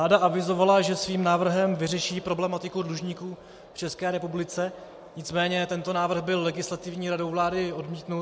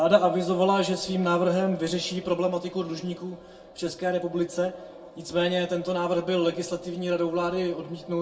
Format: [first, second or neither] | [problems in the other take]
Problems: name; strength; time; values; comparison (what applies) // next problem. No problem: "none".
first | room echo; dies away in 0.2 s